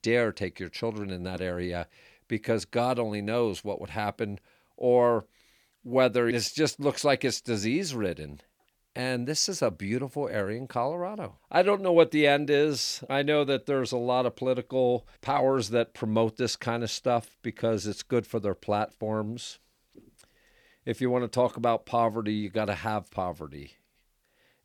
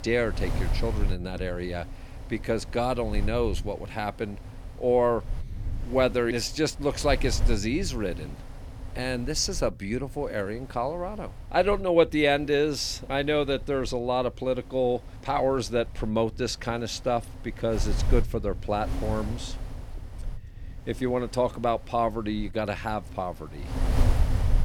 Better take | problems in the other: first | wind noise on the microphone; occasional gusts; 20 dB below the speech

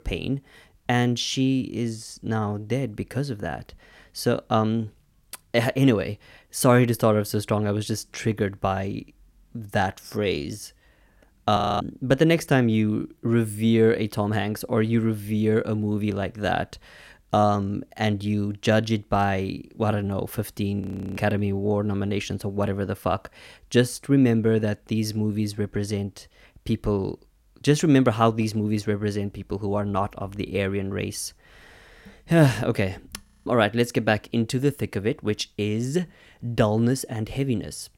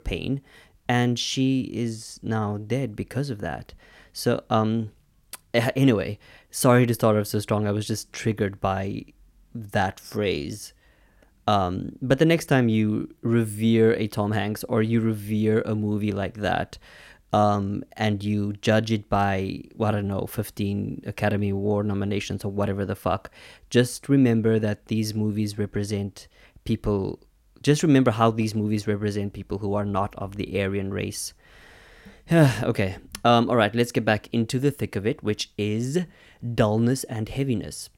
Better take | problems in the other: second | audio freezing; at 12 s, at 21 s and at 33 s

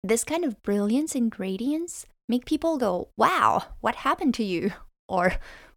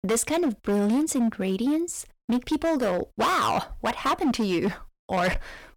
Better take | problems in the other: first | distortion; heavy; 15% of the sound clipped

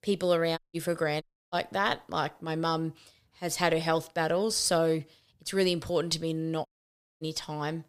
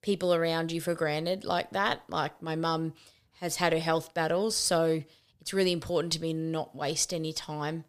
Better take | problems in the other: second | audio cutting out; at 0.5 s, at 1 s and at 6.5 s for 0.5 s

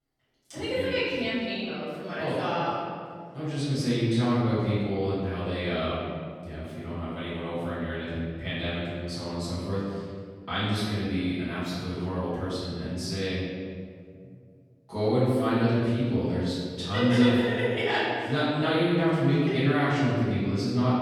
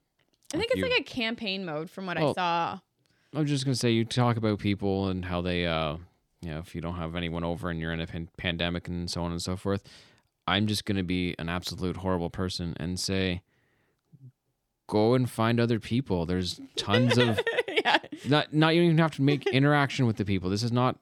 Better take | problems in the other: second | room echo; strong; dies away in 1.8 s // off-mic speech; far

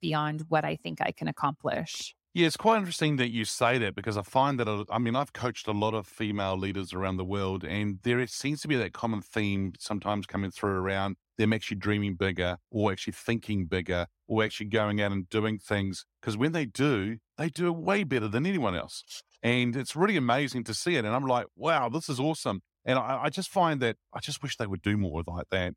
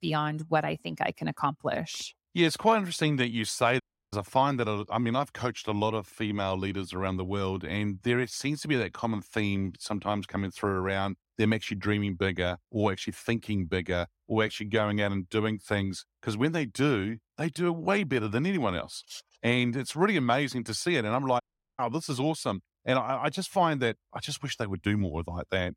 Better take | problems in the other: first | audio cutting out; at 4 s and at 21 s

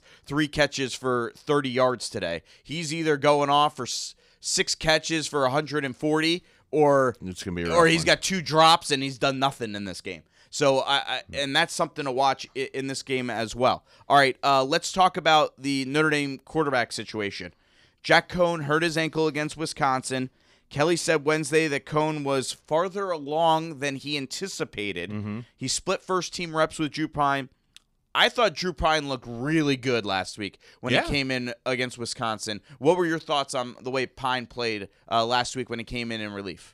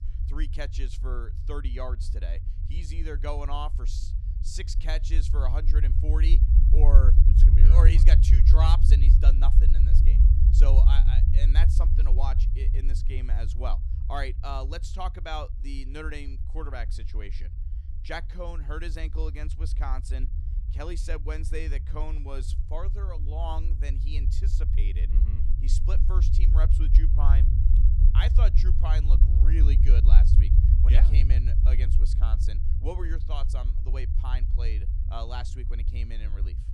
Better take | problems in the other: first | low rumble; loud; throughout; 5 dB below the speech

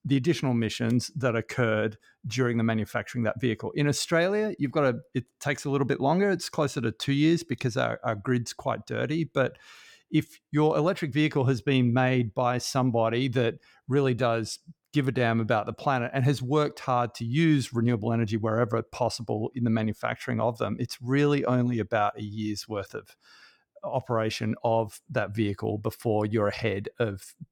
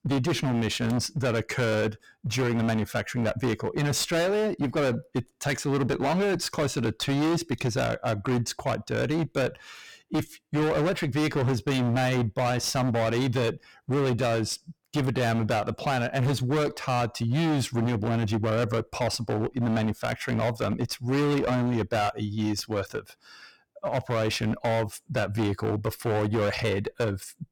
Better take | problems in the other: first | distortion; heavy; 26% of the sound clipped

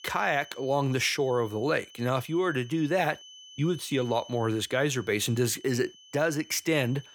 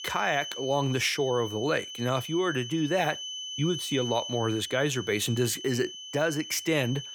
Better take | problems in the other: first | high-pitched whine; loud; throughout; 3 kHz, 9 dB below the speech; faint in the first

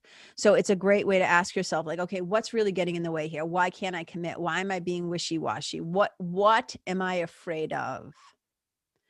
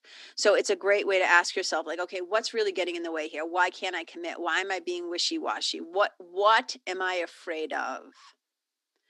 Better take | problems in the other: first | thin; very; fading below 250 Hz

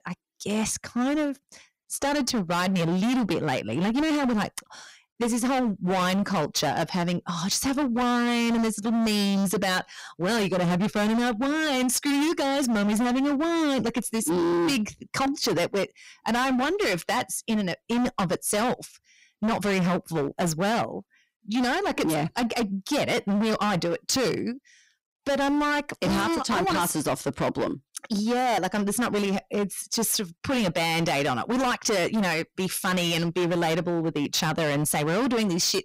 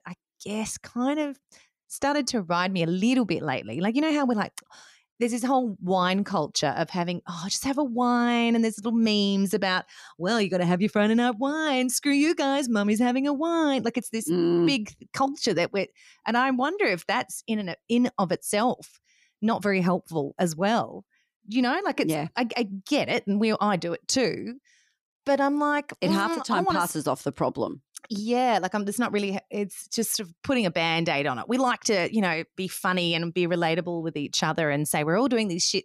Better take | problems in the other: second | distortion; heavy; 27% of the sound clipped

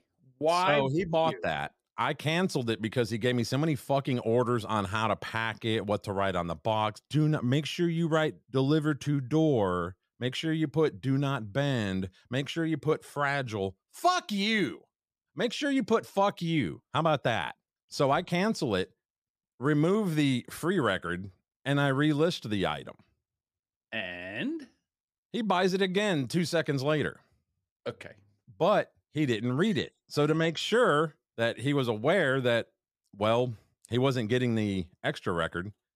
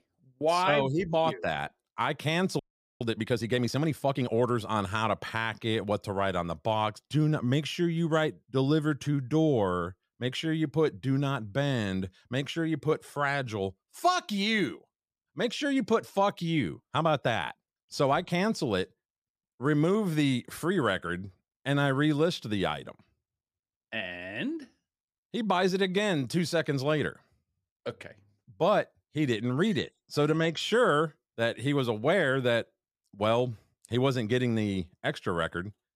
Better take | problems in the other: first | audio freezing; at 2.5 s

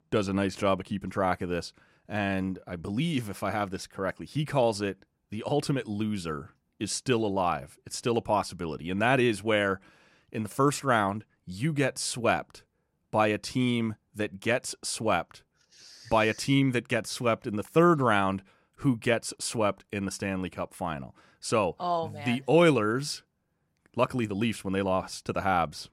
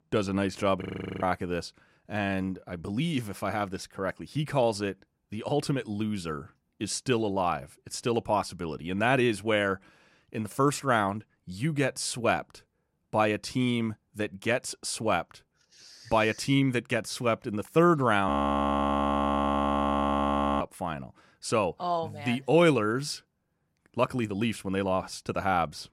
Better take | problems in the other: first | audio freezing; at 1 s and at 18 s for 2.5 s

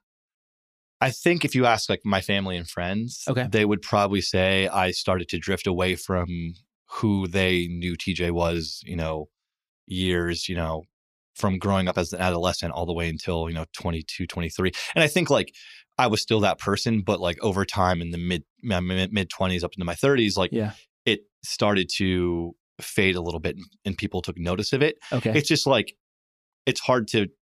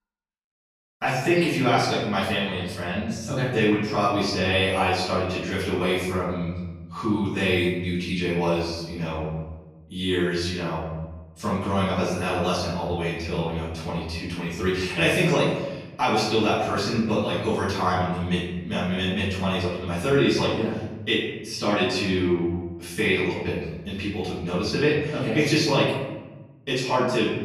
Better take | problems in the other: first | off-mic speech; far // room echo; noticeable; dies away in 1.1 s

